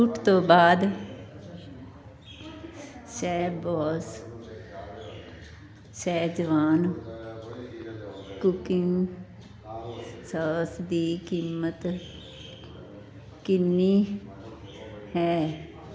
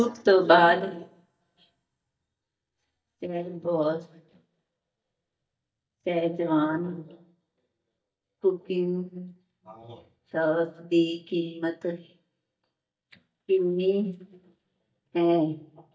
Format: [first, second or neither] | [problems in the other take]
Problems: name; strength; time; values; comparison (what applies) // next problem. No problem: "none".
first | noise reduction (neural mask model DeepFilterNet 3)